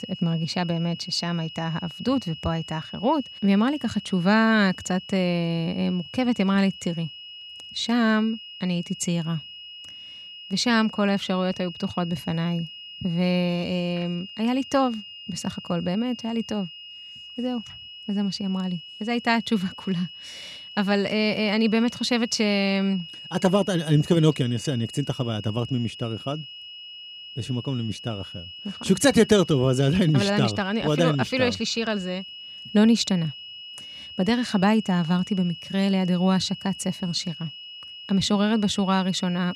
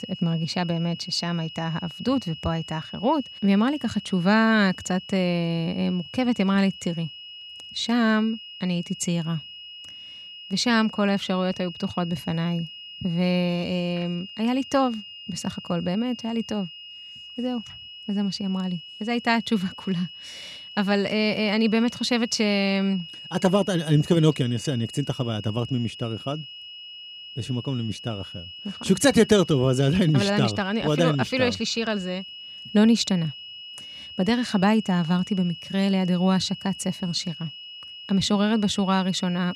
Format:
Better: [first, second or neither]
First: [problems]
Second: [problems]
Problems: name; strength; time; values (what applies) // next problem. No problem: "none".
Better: neither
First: high-pitched whine; noticeable; throughout; 3 kHz, 15 dB below the speech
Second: high-pitched whine; noticeable; throughout; 3 kHz, 15 dB below the speech